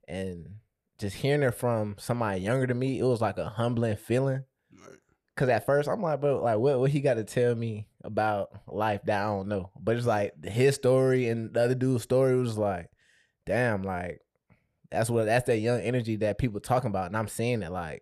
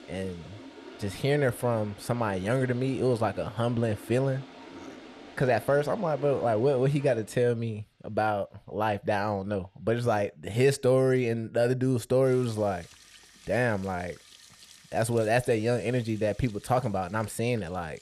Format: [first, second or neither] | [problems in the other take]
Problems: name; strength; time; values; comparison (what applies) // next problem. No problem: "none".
first | household noises; faint; throughout; 20 dB below the speech